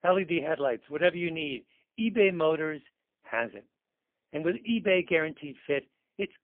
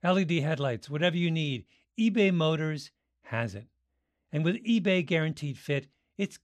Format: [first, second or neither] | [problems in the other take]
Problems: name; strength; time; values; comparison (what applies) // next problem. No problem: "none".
second | phone-call audio; poor line; nothing above 3 kHz